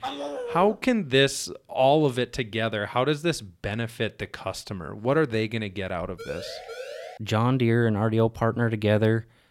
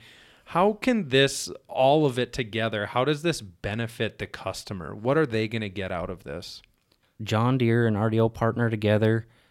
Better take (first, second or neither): second